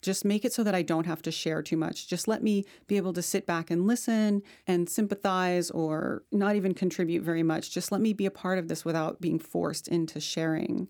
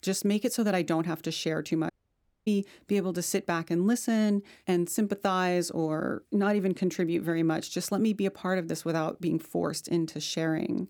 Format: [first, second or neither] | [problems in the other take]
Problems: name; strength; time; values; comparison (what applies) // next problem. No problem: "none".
first | audio cutting out; at 2 s for 0.5 s